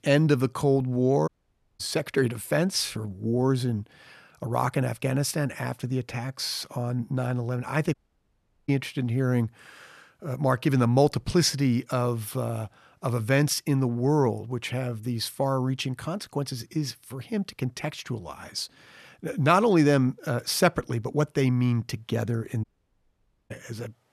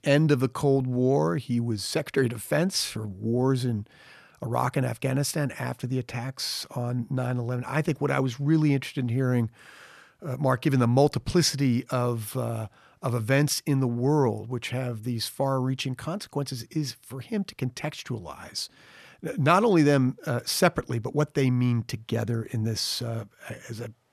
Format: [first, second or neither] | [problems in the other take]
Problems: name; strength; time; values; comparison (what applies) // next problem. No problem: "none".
second | audio cutting out; at 1.5 s for 0.5 s, at 8 s for 0.5 s and at 23 s for 1 s